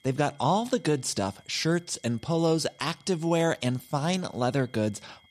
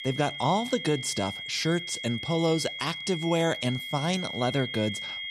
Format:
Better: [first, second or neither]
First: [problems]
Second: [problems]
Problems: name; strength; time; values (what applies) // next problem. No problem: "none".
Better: first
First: high-pitched whine; faint; throughout; 3.5 kHz, 30 dB below the speech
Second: high-pitched whine; loud; throughout; 3.5 kHz, 6 dB below the speech